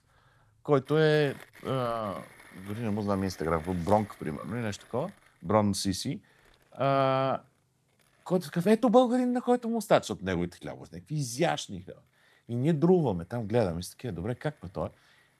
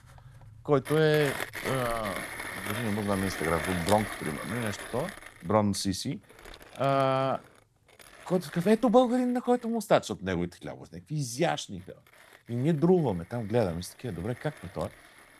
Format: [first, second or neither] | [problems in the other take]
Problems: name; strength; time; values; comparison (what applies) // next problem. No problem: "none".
first | machinery noise; loud; throughout; 9 dB below the speech; faint in the first